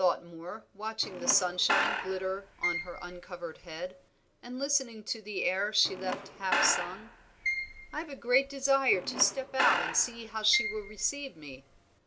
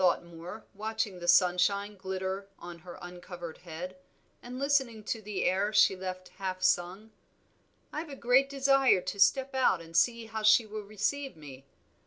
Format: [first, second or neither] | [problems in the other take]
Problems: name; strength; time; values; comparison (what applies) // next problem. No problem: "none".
second | background sound (Squeak / Screech); 3 dB below the speech